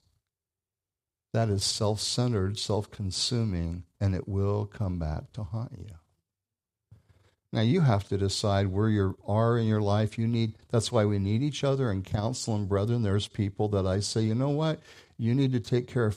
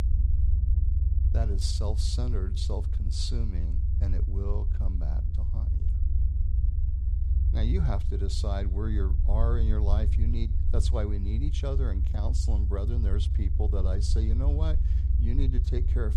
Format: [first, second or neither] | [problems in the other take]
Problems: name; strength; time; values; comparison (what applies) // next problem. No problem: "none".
first | low rumble; loud; throughout; 7 dB below the speech